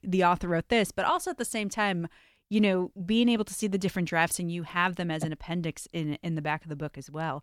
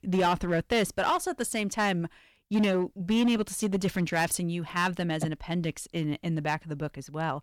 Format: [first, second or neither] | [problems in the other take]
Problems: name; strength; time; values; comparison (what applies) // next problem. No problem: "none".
first | distortion; slight; 5% of the sound clipped